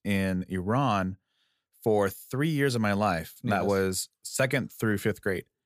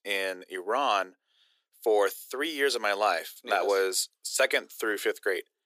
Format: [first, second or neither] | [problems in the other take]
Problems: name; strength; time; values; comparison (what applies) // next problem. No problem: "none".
first | thin; very; fading below 350 Hz